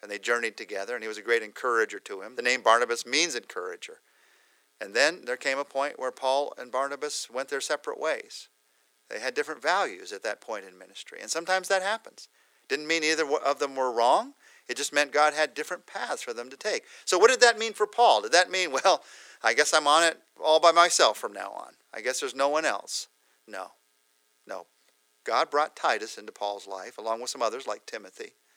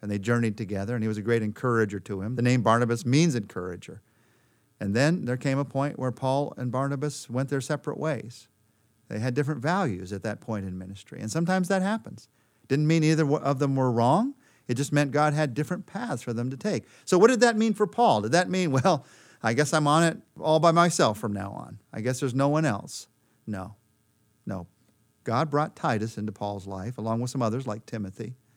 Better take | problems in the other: second | thin; very; fading below 450 Hz

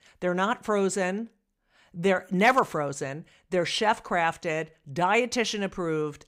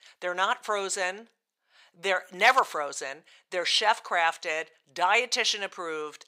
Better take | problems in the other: first | thin; very; fading below 700 Hz

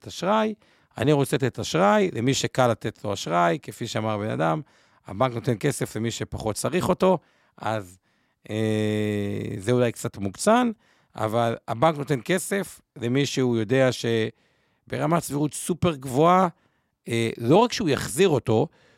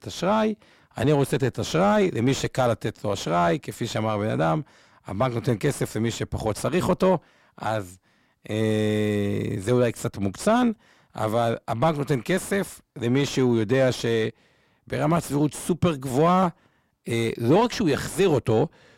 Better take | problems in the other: first | distortion; slight; 10 dB below the speech

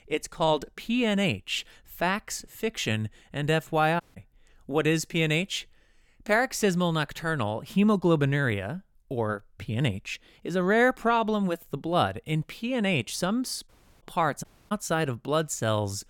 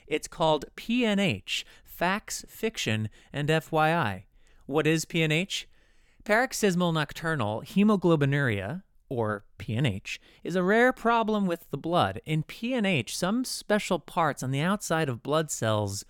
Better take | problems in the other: second | audio cutting out; at 4 s and at 14 s

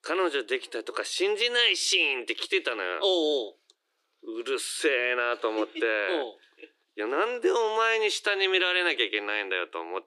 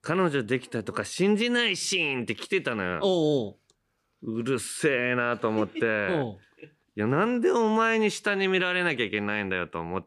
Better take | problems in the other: second | thin; very; fading below 350 Hz

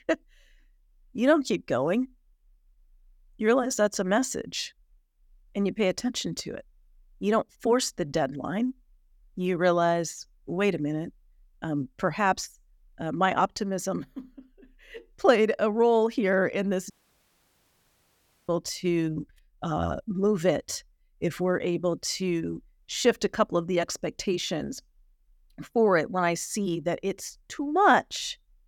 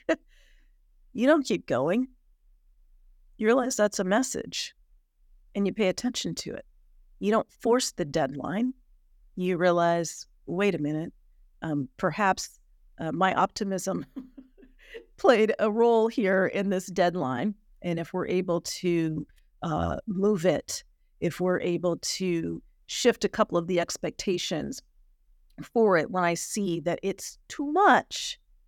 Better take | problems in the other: second | audio cutting out; at 17 s for 1.5 s

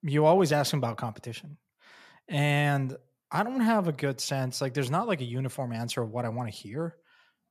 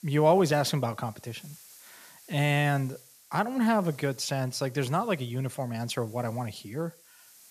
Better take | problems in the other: first | hiss; faint; throughout; 25 dB below the speech

